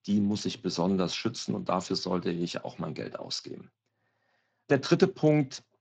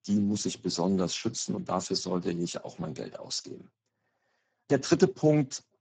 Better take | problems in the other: first | garbled, watery; badly; nothing above 7.5 kHz; slightly in the first

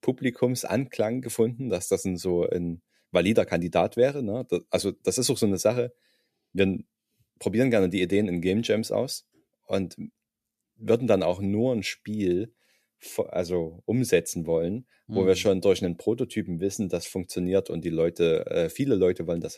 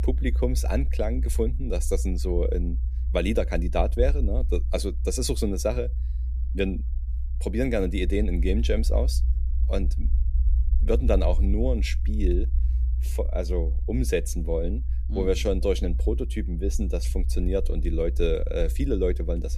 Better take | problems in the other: first | low rumble; noticeable; throughout; 20 dB below the speech

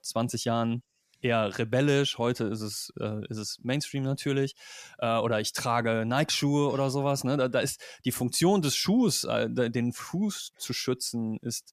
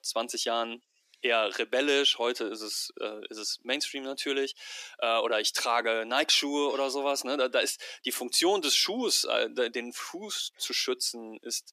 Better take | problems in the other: first | thin; somewhat; fading below 300 Hz

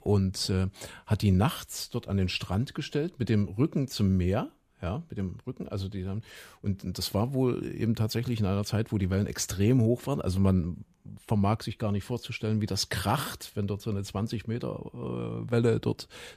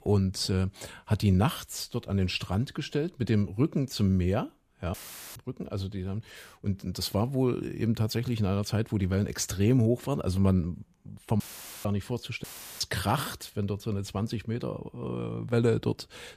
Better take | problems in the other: first | audio cutting out; filled with static; at 5 s, at 11 s and at 12 s

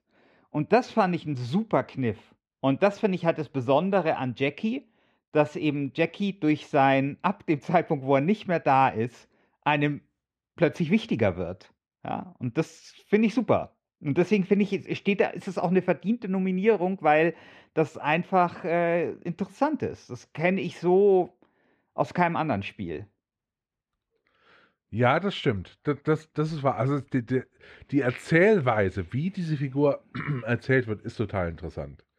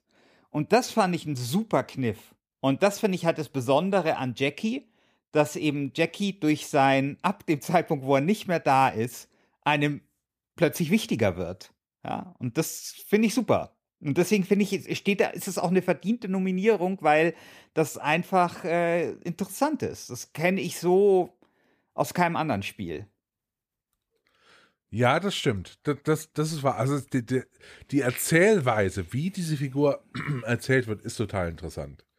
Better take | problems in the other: second | muffled; slightly; fading above 3 kHz

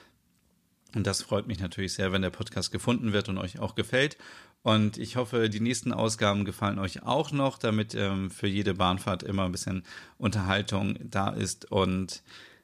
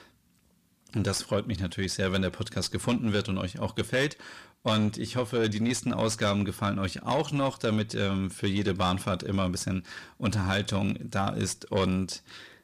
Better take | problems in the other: first | distortion; slight; 10 dB below the speech

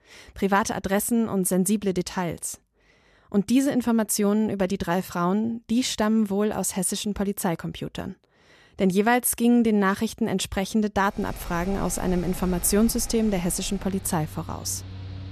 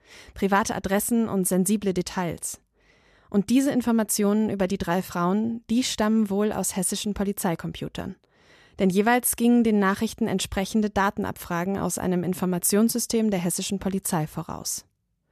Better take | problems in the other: second | machinery noise; noticeable; from 11 s on; 15 dB below the speech

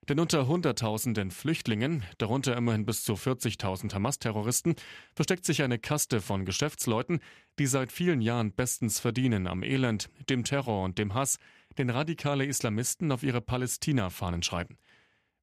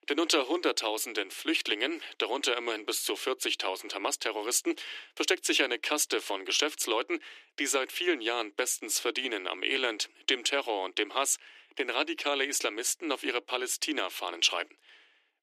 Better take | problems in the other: first | thin; very; fading below 300 Hz

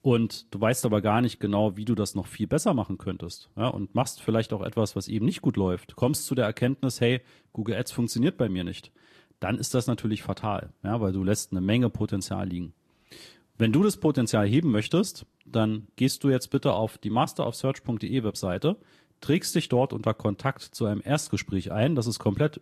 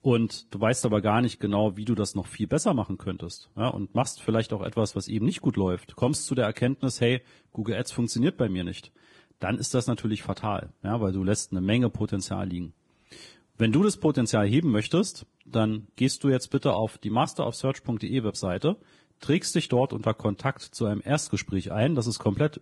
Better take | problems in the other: first | garbled, watery; badly; nothing above 10 kHz; slightly in the first

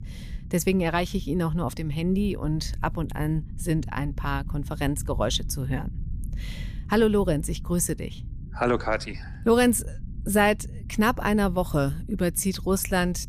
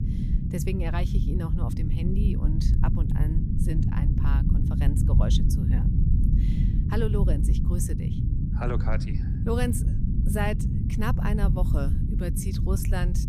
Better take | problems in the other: first | low rumble; loud; throughout; 3 dB below the speech; faint in the first

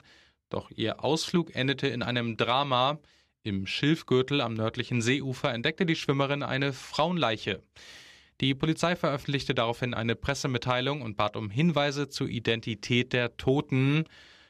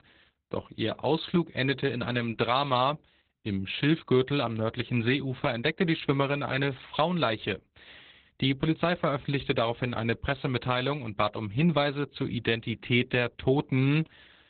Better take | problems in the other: first | garbled, watery; badly; nothing above 4 kHz

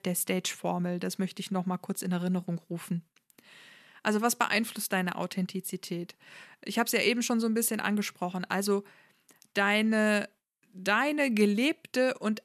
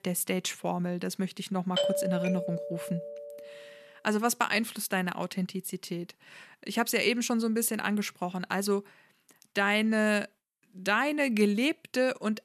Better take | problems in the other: first | doorbell; loud; from 2 to 3.5 s; peak 1 dB above the speech

